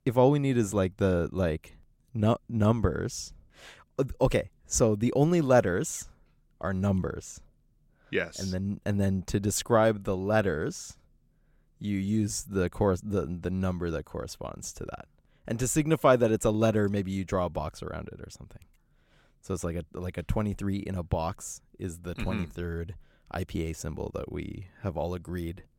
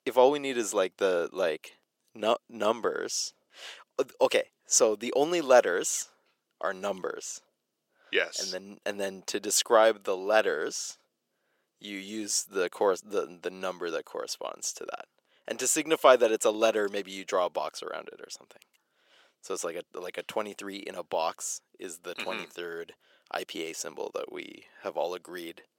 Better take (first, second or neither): first